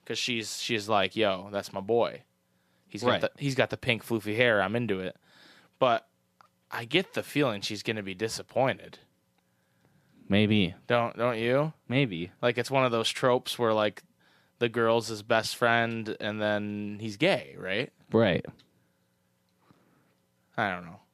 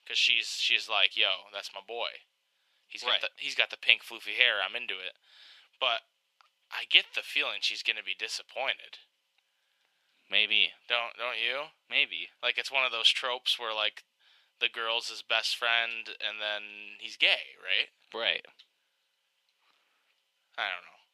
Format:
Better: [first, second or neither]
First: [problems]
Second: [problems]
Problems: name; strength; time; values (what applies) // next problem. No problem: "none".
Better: first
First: none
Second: thin; very; fading below 750 Hz